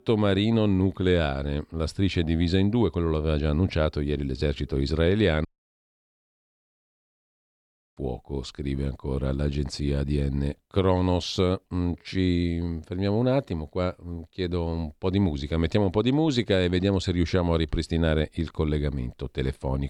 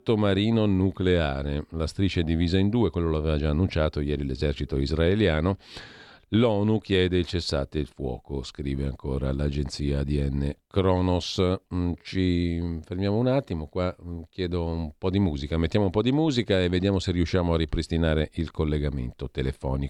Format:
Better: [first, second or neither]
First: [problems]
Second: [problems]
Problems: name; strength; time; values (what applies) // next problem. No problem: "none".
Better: second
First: audio cutting out; at 5.5 s for 2.5 s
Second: none